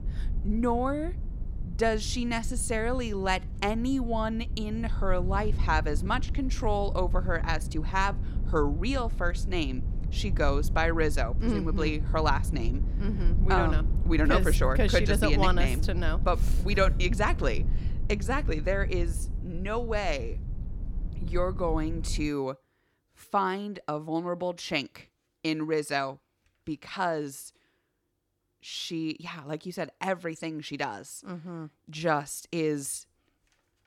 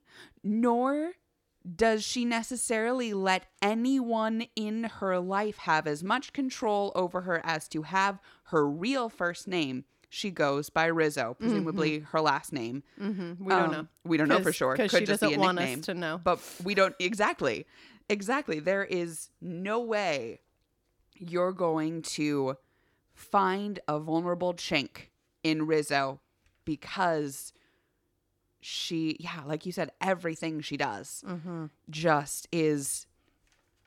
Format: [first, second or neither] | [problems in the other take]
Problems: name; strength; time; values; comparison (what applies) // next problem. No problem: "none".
second | low rumble; noticeable; until 22 s; 15 dB below the speech